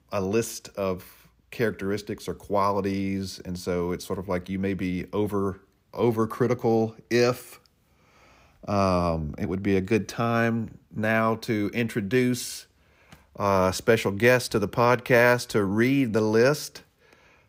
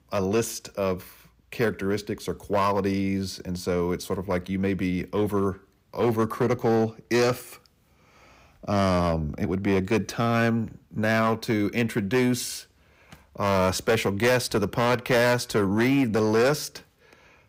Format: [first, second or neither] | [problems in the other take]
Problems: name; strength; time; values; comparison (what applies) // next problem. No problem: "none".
first | distortion; slight; 6% of the sound clipped